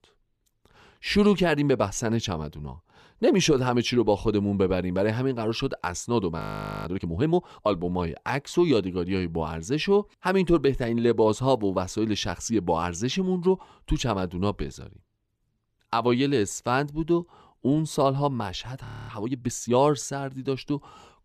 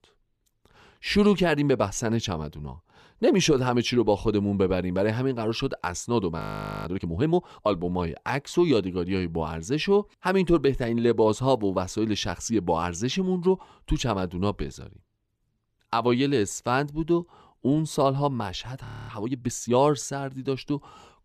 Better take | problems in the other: neither | audio freezing; at 6.5 s and at 19 s; the same in both

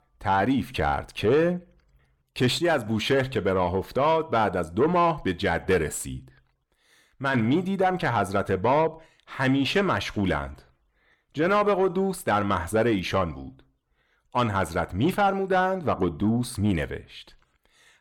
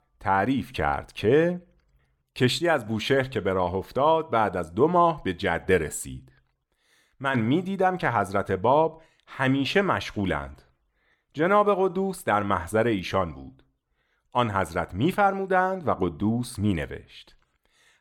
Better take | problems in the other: second | distortion; slight; 10 dB below the speech

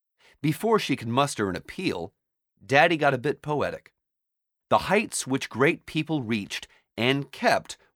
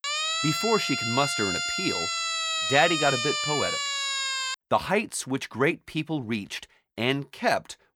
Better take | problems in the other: first | siren; loud; until 4.5 s; peak 2 dB above the speech

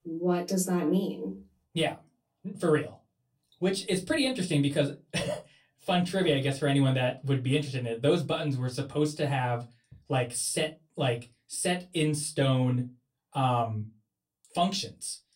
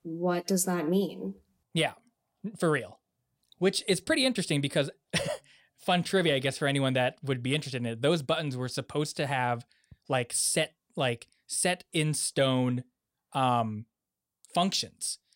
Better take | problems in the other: second | off-mic speech; far // room echo; very slight; dies away in 0.2 s

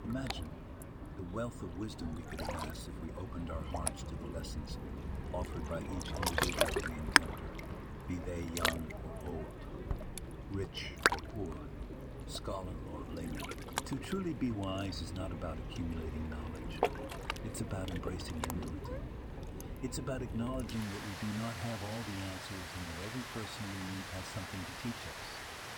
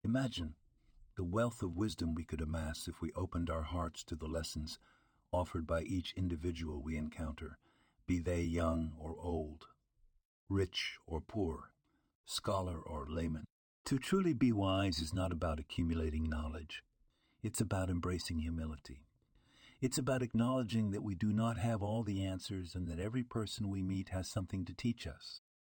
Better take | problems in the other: second | rain or running water; very loud; throughout; 3 dB above the speech

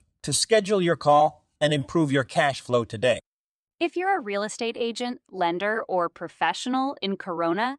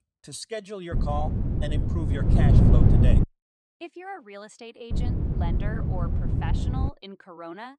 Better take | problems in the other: first | wind noise on the microphone; heavy; from 1 to 3 s and from 5 to 7 s; 2 dB above the speech

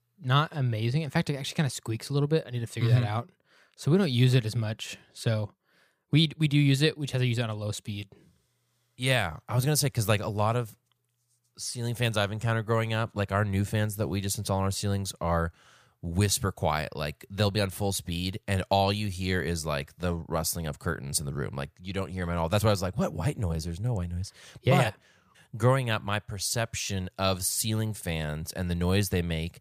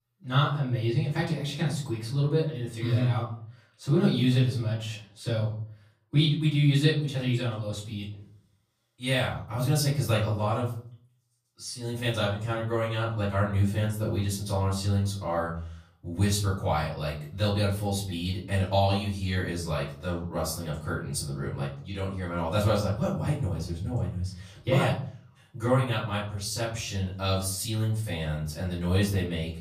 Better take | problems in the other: first | off-mic speech; far // room echo; slight; dies away in 0.5 s

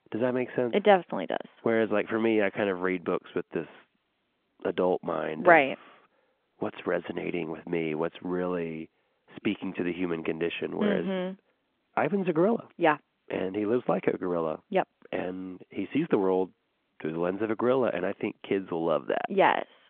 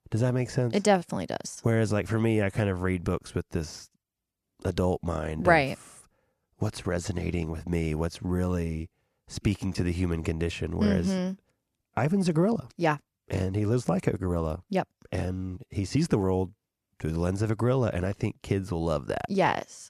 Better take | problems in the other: second | phone-call audio

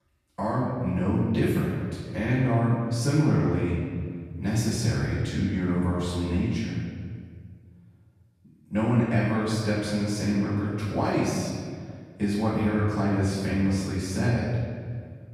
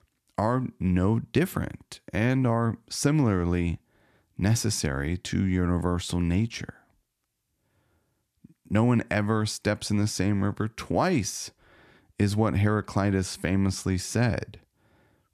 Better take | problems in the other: second | room echo; strong; dies away in 1.9 s // off-mic speech; far

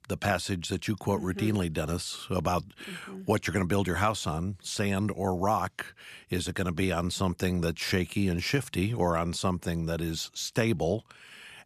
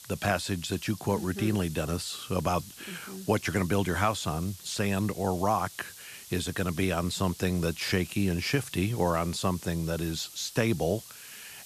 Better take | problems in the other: first | hiss; noticeable; throughout; 15 dB below the speech

